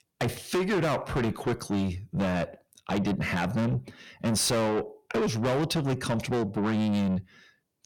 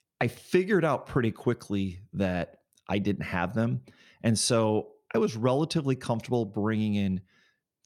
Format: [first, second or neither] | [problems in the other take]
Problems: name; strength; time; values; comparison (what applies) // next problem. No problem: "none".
second | distortion; heavy; 6 dB below the speech